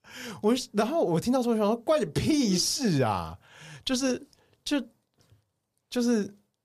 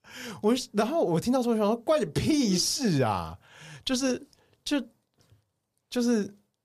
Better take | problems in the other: neither | none

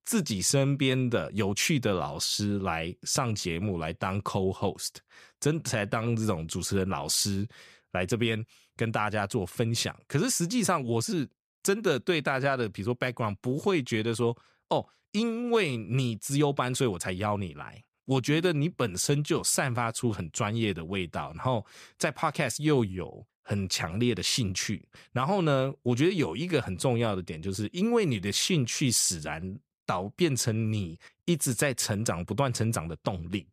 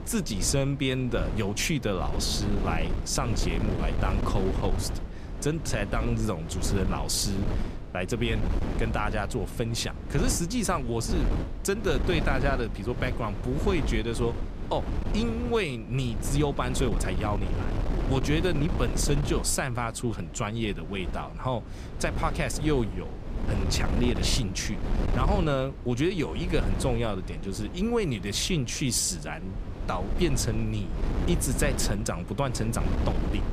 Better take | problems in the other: first | wind noise on the microphone; heavy; 9 dB below the speech

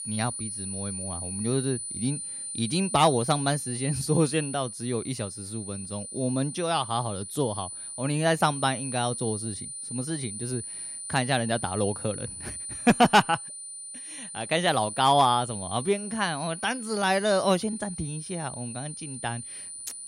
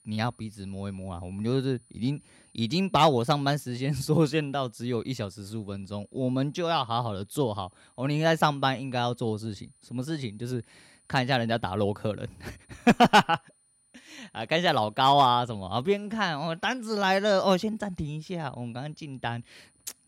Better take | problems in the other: second | high-pitched whine; loud; throughout; 9.5 kHz, 8 dB below the speech; faint in the second

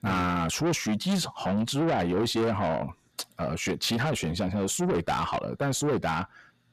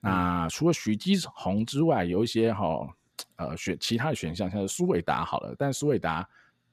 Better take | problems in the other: second | distortion; heavy; 7 dB below the speech

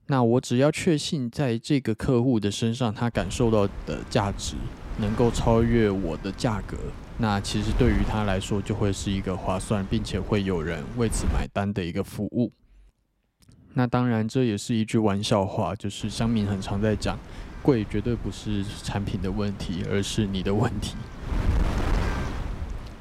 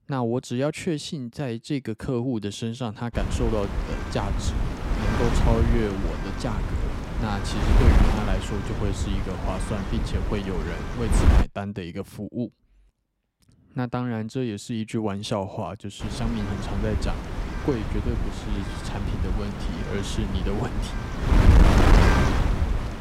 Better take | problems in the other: first | wind noise on the microphone; heavy; from 3 to 11 s and from 16 s on; 1 dB above the speech; occasional gusts in the first

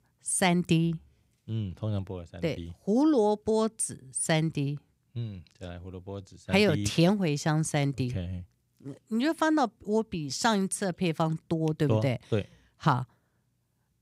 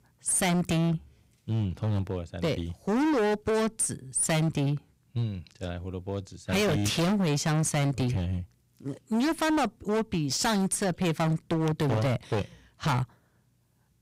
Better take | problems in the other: first | distortion; heavy; 21% of the sound clipped

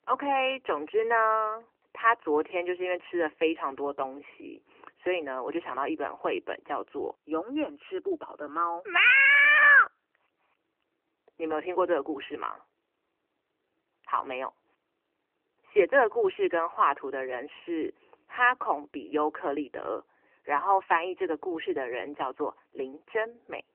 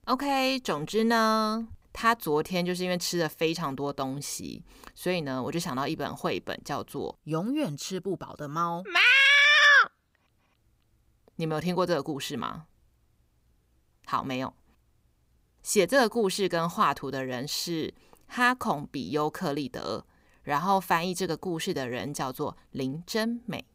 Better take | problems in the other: second | phone-call audio; nothing above 3 kHz

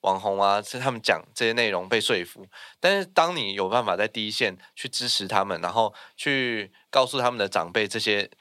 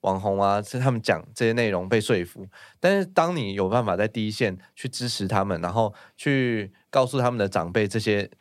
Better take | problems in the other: second | thin; somewhat; fading below 1 kHz

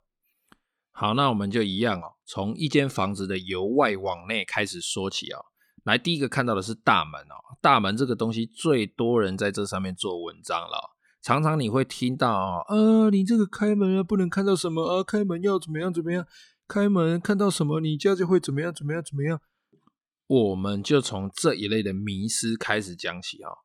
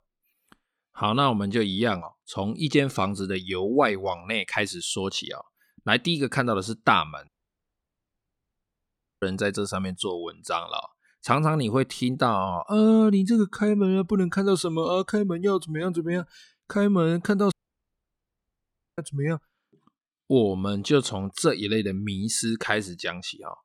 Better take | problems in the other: first | audio cutting out; at 7.5 s for 2 s and at 18 s for 1.5 s

